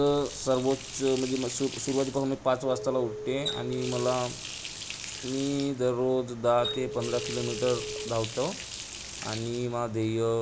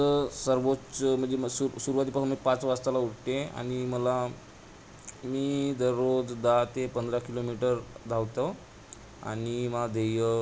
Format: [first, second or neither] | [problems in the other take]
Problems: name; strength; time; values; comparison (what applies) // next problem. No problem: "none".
second | background sound (Water tap, faucet + Telephone); 9 dB below the speech